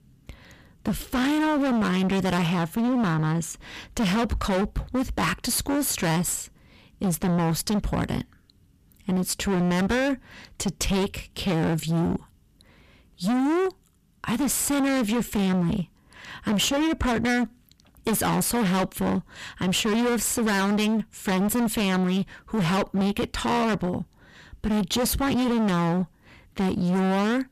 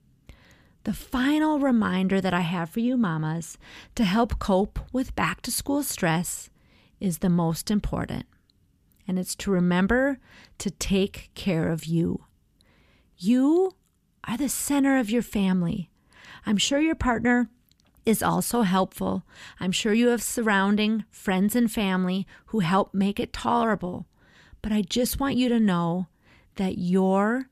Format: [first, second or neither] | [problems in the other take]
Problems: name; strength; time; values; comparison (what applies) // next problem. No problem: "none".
second | distortion; heavy; 31% of the sound clipped